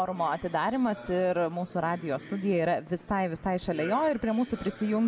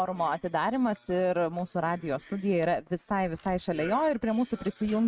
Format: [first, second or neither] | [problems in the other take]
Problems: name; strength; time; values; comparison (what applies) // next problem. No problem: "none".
first | noise reduction (neural mask model RNNoise)